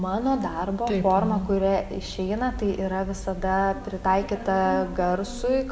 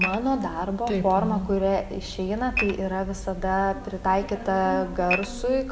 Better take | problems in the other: first | background sound (Dishes, pots, and pans / Glass); 4 dB below the speech

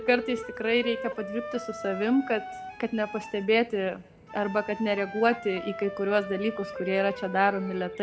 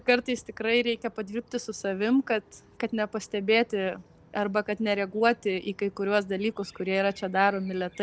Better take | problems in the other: second | background sound (Wind instrument, woodwind instrument); 11 dB below the speech // room echo; dies away in 2.2 s

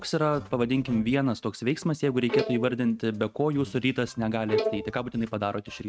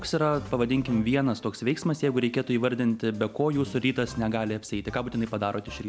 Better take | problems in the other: second | noise reduction (neural mask model RNNoise)

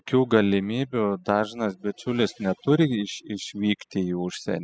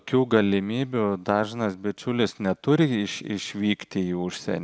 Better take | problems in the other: second | noise reduction (classical method spectral subtraction)

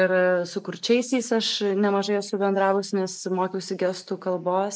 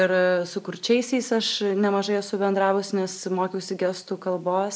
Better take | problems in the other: second | noise reduction (neural mask model Resemble Enhance denoiser)

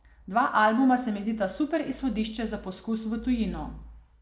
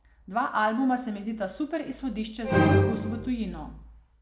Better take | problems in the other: first | background sound (Musical instrument); 4 dB above the speech

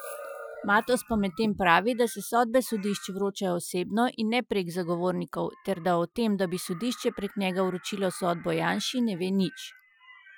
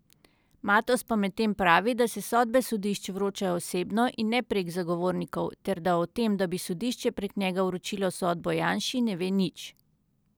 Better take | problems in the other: second | noise reduction (classical method Wiener filter)

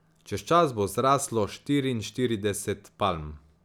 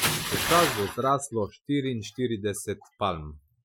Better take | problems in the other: first | noise reduction (classical method Wiener filter)

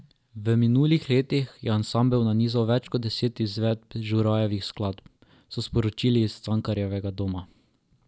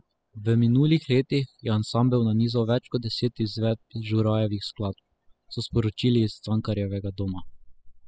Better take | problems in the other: first | noise reduction (classical method spectral subtraction)

